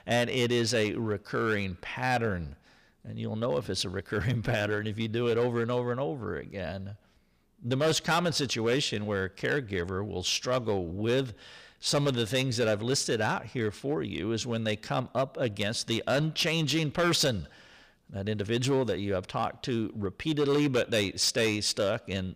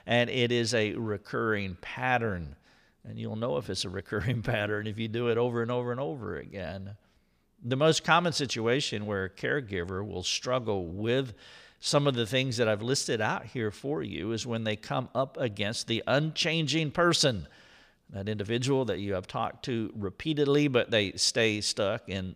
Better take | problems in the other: second | distortion; slight; 6% of the sound clipped

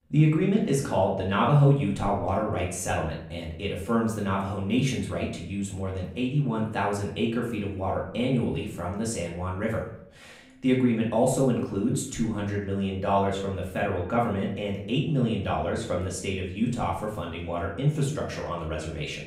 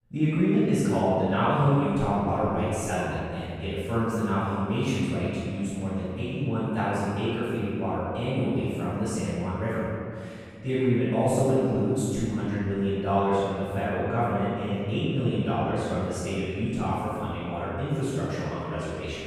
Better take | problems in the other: first | room echo; strong; dies away in 2.3 s; slight in the first // off-mic speech; far; far in the first

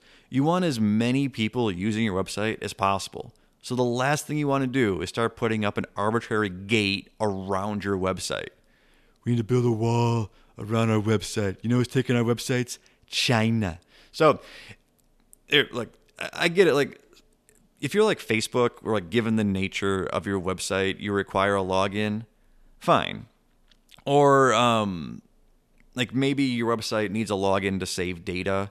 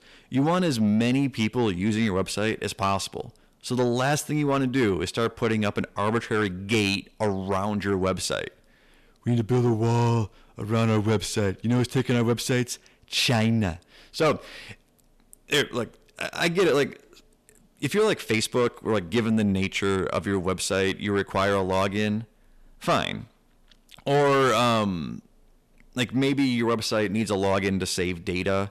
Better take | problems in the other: first | distortion; slight; 10 dB below the speech

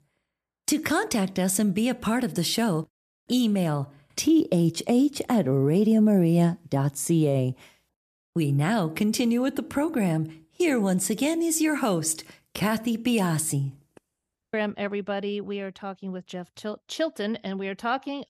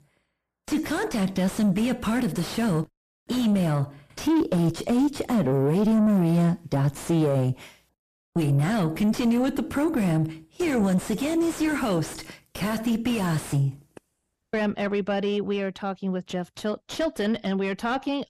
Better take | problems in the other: first | distortion; heavy; 6 dB below the speech

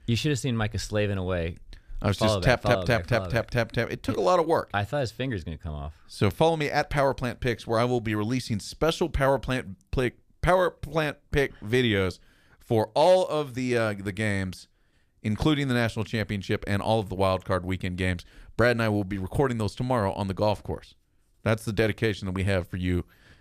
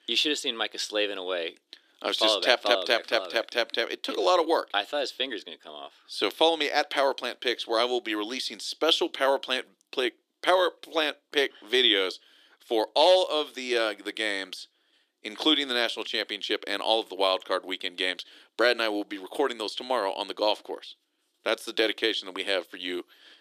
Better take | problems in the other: first | thin; very; fading below 300 Hz

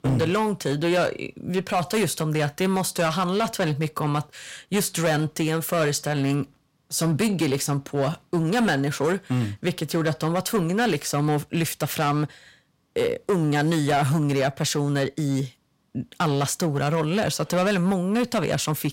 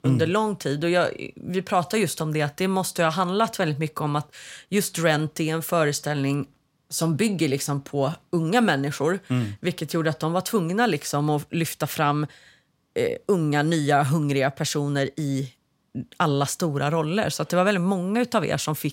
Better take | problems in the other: second | distortion; slight; 10% of the sound clipped

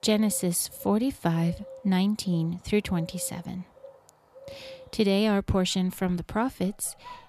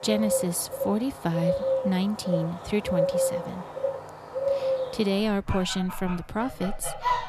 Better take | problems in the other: first | animal sounds; loud; throughout; 2 dB below the speech; faint in the first

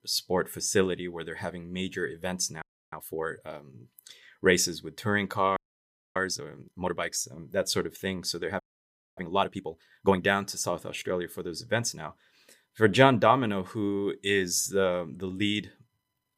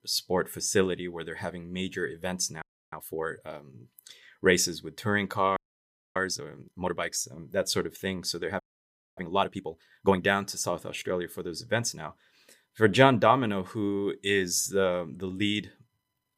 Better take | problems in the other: neither | audio freezing; at 2.5 s, at 5.5 s for 0.5 s and at 8.5 s for 0.5 s; the same in both

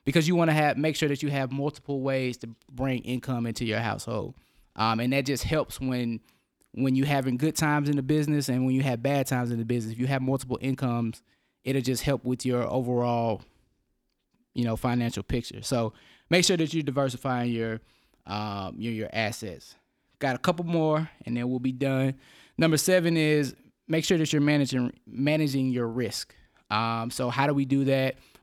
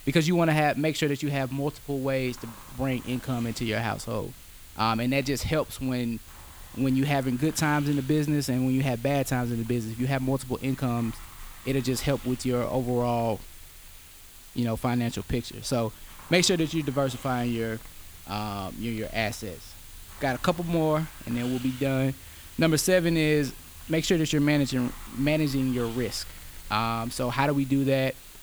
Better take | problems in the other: first | hiss; noticeable; throughout; 15 dB below the speech

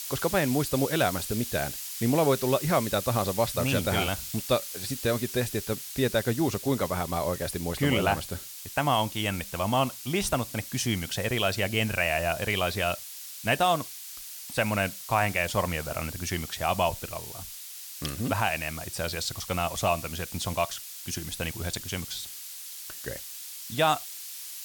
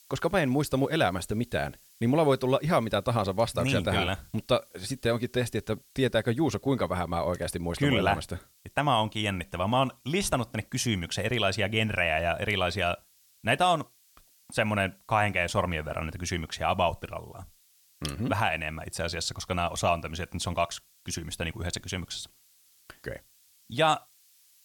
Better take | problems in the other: second | hiss; loud; throughout; 9 dB below the speech; faint in the second

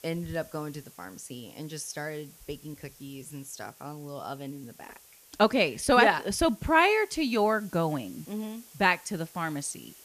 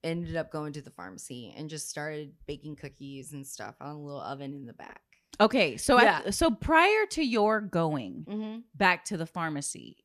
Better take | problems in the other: second | hiss; faint; throughout; 25 dB below the speech

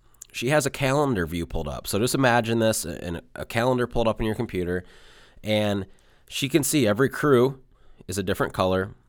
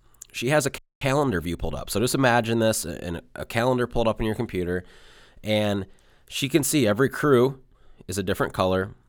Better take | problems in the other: first | audio freezing; at 1 s

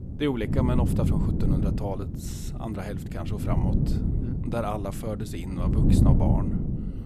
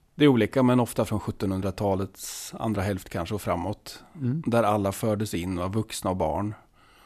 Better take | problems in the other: second | wind noise on the microphone; heavy; 2 dB below the speech

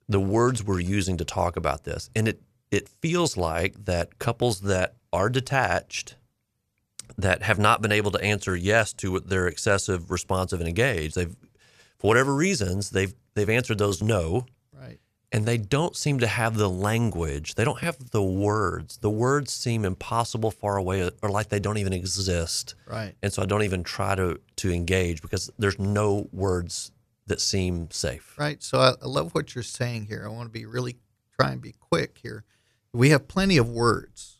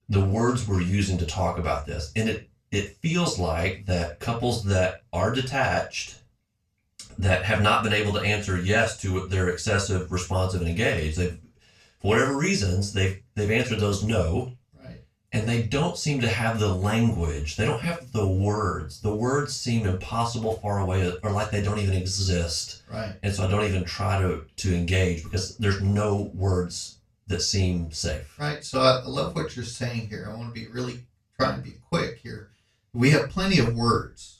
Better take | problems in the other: first | room echo; slight; dies away in 0.2 s // off-mic speech; far

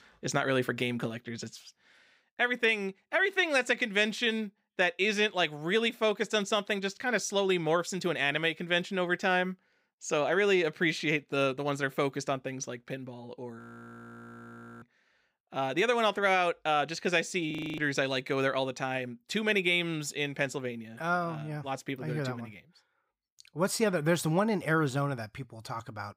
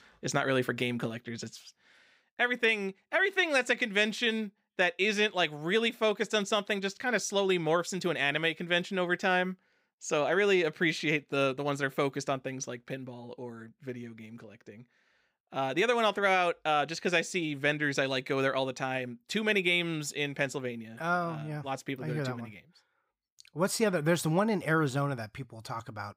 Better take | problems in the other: second | audio freezing; at 14 s for 1 s and at 18 s

